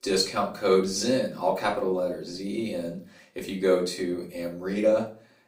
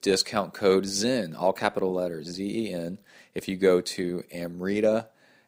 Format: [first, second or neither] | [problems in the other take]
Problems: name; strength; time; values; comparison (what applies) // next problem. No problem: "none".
second | off-mic speech; far // room echo; slight; dies away in 0.3 s